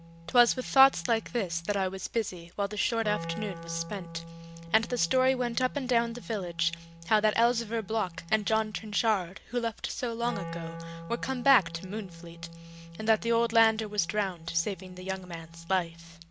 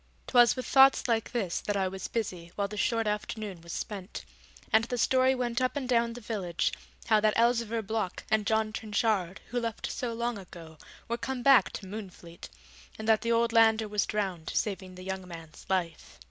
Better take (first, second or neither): second